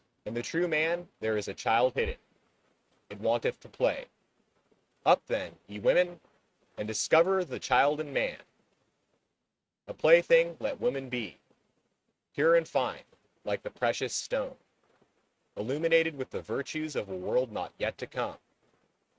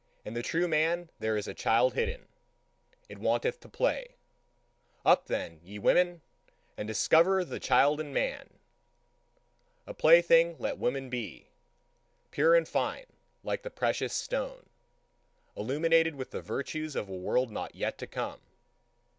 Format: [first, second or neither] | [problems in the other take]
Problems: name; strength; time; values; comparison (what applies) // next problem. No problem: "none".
second | noise reduction (neural mask model RNNoise)